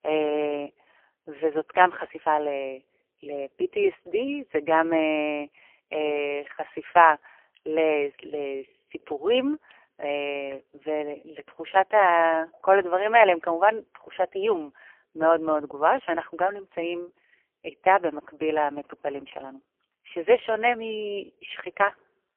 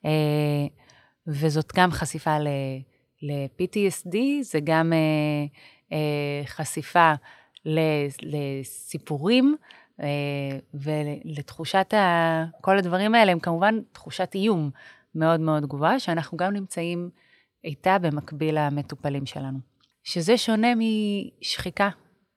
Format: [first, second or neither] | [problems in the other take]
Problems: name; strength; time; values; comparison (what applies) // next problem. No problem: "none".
second | phone-call audio; poor line; nothing above 3 kHz